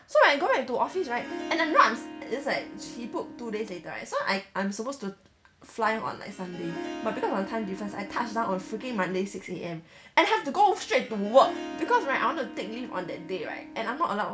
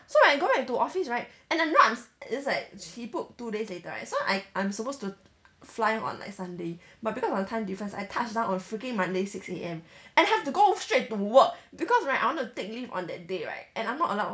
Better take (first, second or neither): second